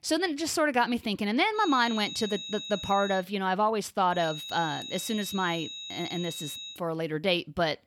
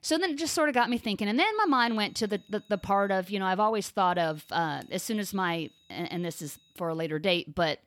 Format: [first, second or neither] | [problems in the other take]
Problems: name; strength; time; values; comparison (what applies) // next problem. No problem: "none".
second | high-pitched whine; loud; from 1.5 to 3 s and from 4 to 6.5 s; 4 kHz, 9 dB below the speech; faint in the second